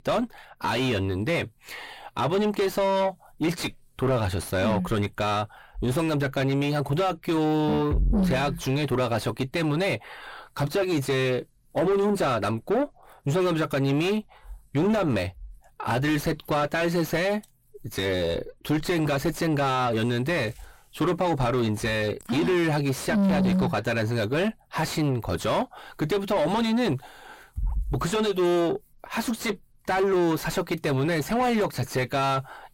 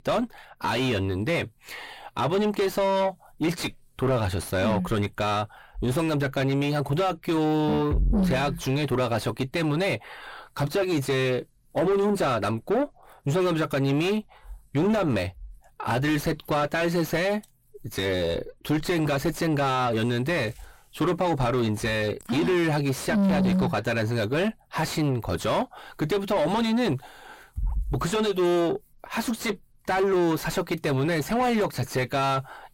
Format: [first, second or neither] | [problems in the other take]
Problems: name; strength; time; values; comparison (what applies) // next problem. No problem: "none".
neither | distortion; heavy; 7 dB below the speech; the same in both